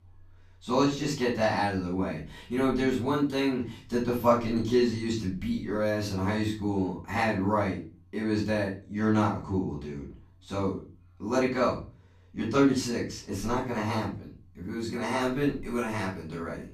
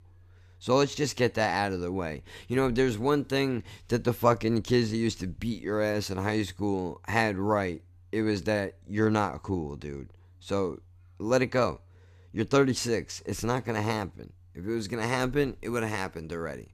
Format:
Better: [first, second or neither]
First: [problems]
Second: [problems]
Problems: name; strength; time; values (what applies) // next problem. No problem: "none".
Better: second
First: off-mic speech; far // room echo; slight; dies away in 0.3 s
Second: none